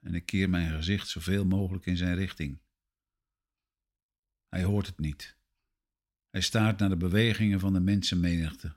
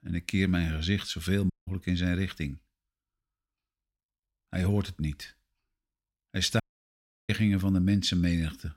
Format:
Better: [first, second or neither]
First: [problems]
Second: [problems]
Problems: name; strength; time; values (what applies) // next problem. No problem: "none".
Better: first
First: none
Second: audio cutting out; at 1.5 s and at 6.5 s for 0.5 s